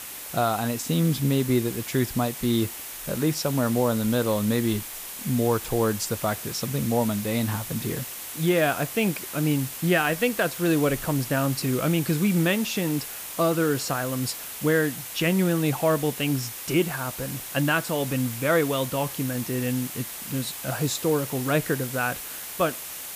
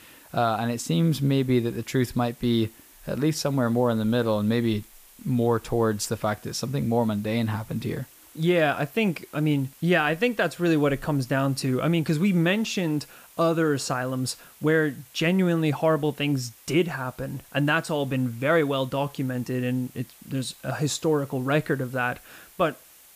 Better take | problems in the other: second | hiss; loud; throughout; 8 dB below the speech; faint in the second

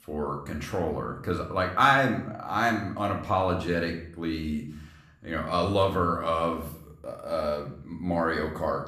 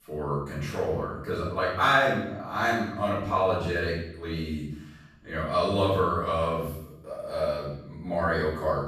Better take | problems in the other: first | room echo; strong; dies away in 0.8 s; slight in the first // off-mic speech; far; somewhat distant in the first

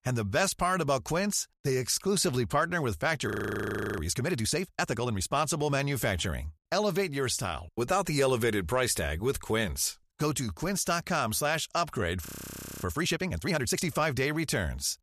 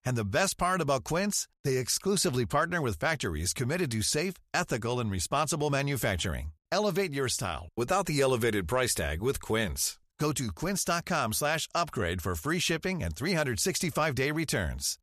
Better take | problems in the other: second | audio freezing; at 3.5 s for 0.5 s and at 12 s for 0.5 s

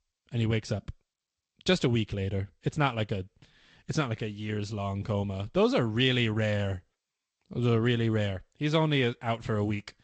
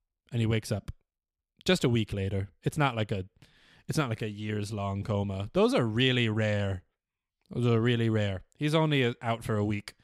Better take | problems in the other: second | garbled, watery; slightly; nothing above 8 kHz

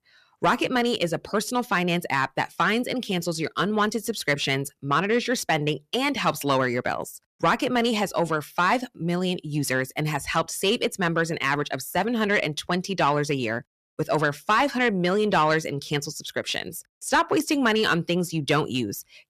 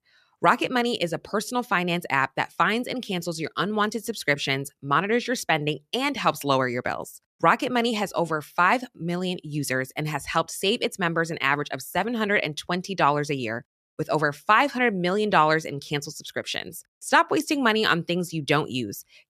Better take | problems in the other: second | distortion; slight; 10 dB below the speech

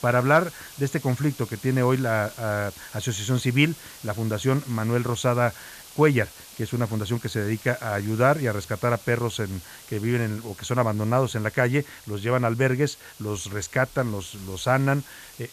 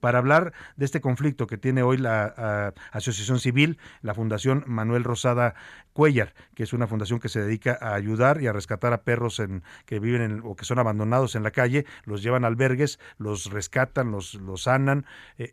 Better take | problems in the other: second | hiss; noticeable; throughout; 20 dB below the speech

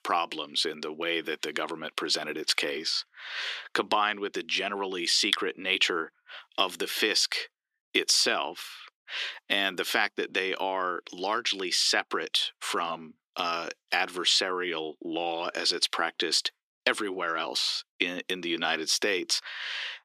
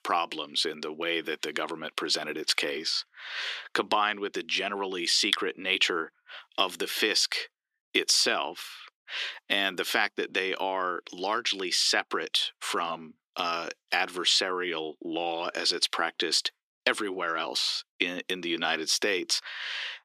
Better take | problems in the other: neither | thin; somewhat; fading below 300 Hz; the same in both

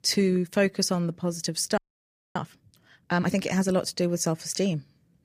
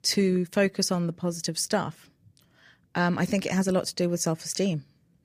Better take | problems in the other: second | audio freezing; at 2 s for 0.5 s

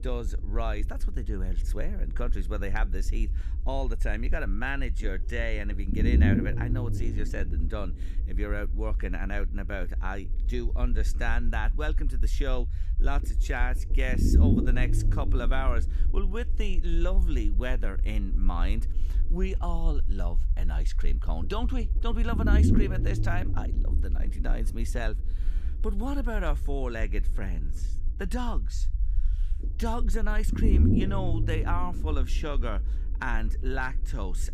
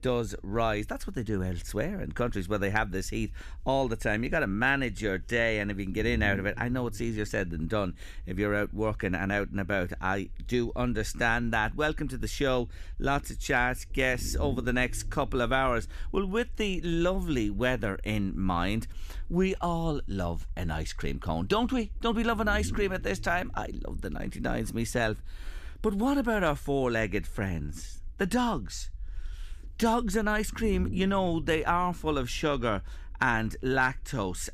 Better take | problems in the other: second | low rumble; loud; throughout; 5 dB below the speech; faint in the second

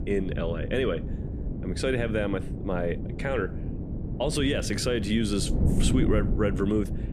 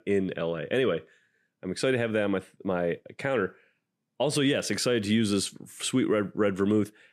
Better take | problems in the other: second | wind noise on the microphone; heavy; 10 dB below the speech

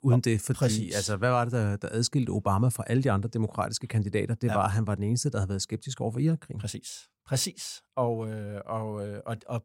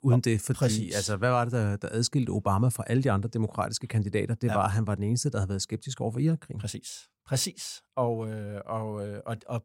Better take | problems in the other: neither | none

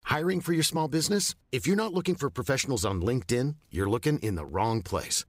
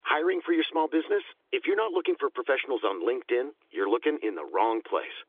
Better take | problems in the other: first | phone-call audio; nothing above 3.5 kHz

